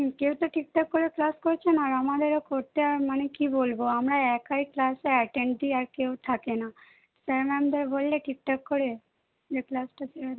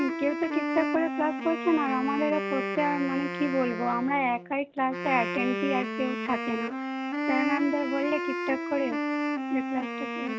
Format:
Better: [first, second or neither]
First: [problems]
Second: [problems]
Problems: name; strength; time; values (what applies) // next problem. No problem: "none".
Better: first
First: none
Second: background sound (Wind instrument, woodwind instrument); 3 dB below the speech